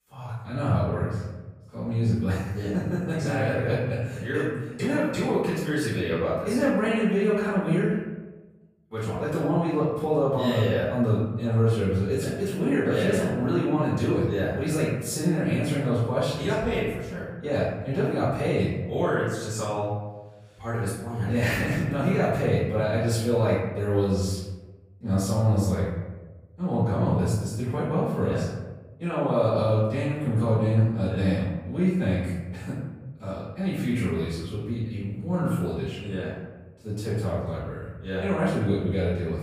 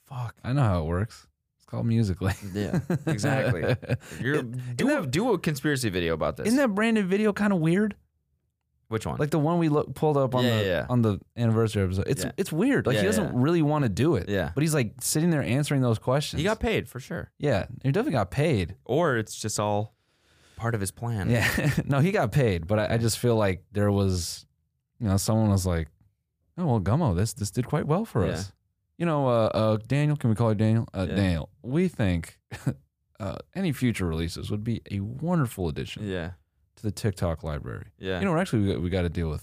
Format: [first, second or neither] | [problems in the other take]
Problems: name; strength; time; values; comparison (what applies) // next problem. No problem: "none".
second | off-mic speech; far // room echo; noticeable; dies away in 1 s